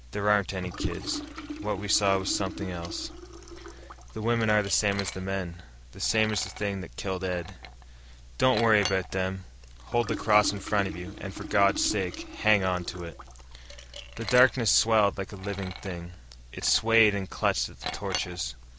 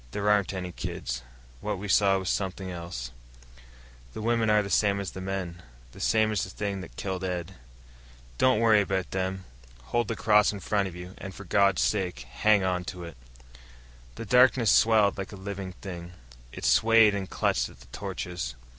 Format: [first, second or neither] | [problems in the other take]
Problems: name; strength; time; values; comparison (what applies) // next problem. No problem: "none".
second | background sound (Liquid); 13 dB below the speech